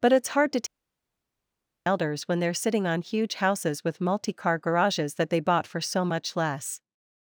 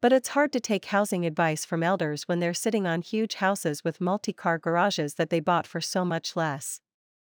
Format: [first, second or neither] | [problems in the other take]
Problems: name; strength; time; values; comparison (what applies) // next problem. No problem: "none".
second | audio cutting out; at 0.5 s for 1 s